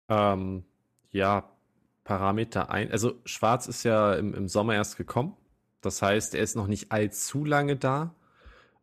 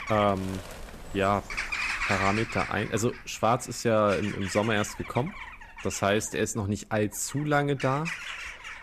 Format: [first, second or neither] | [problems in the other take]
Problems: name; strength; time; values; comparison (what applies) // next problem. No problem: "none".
first | animal sounds; loud; throughout; 7 dB below the speech